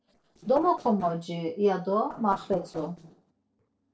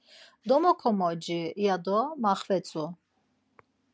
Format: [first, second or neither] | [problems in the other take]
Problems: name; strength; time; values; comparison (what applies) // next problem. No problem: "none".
second | noise reduction (neural separator model SepFormer DNS4)